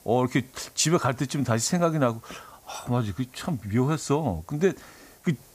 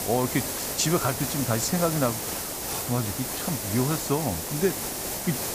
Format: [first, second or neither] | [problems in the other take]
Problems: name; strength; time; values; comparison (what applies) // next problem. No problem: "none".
first | hiss; loud; throughout; 2 dB below the speech; faint in the first